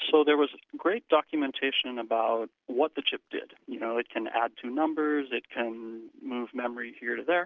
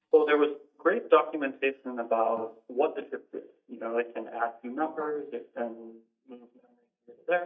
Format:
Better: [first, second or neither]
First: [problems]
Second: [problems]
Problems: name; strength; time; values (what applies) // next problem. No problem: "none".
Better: first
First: none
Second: noise reduction (neural mask model DeepFilterNet 3)